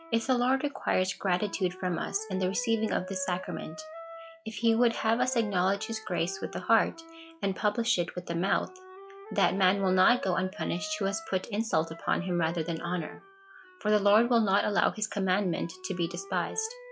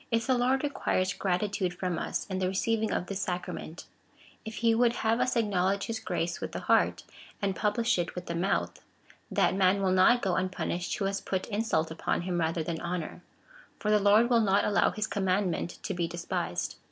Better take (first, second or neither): second